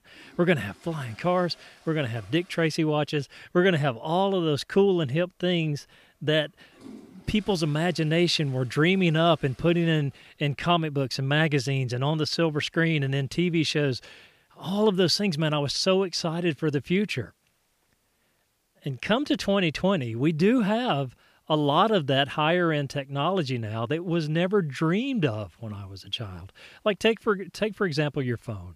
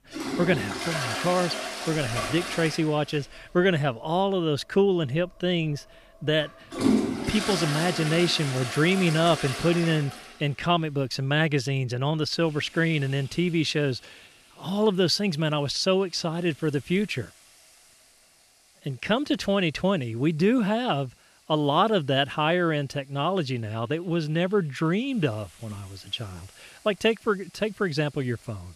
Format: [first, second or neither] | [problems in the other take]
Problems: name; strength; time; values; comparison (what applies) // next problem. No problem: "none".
first | household noises; loud; throughout; 5 dB below the speech; faint in the first